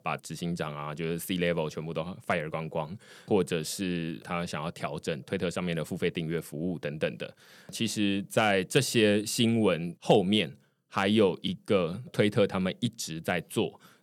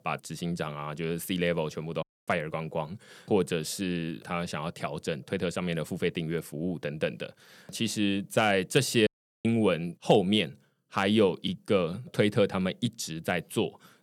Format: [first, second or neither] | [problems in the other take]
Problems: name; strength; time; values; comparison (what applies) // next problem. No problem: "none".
first | audio cutting out; at 2 s and at 9 s